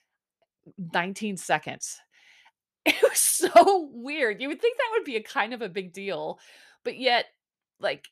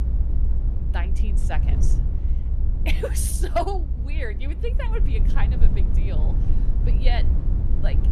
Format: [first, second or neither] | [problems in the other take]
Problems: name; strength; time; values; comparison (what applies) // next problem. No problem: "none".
first | low rumble; loud; throughout; 9 dB below the speech